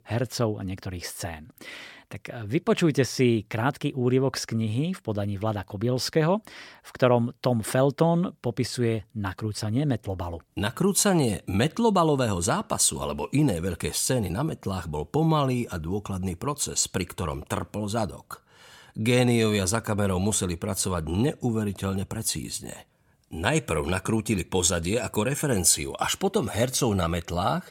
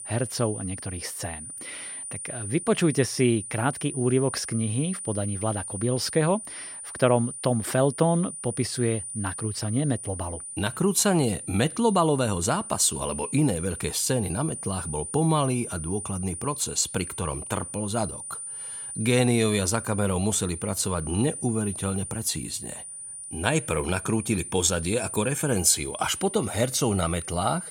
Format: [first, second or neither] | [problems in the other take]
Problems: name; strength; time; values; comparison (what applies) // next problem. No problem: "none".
first | high-pitched whine; loud; throughout; 9.5 kHz, 8 dB below the speech